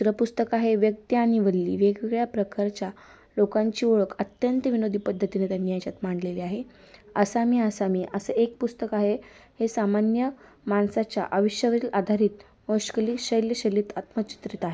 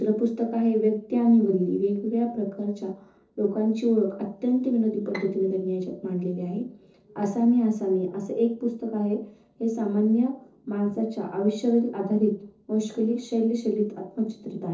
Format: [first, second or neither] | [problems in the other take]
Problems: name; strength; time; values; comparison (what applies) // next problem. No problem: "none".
first | noise reduction (neural separator model SepFormer DNS4)